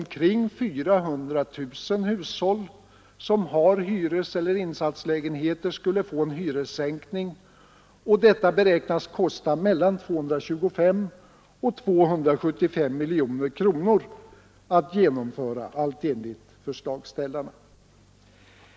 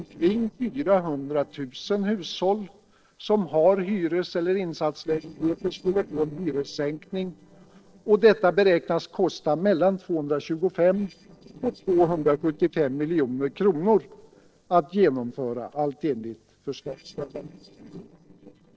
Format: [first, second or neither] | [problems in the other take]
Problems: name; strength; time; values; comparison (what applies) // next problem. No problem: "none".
first | noise reduction (neural separator model SepFormer DNS4)